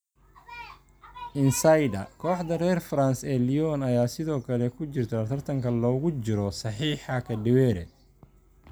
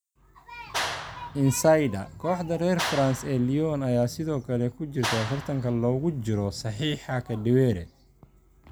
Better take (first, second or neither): first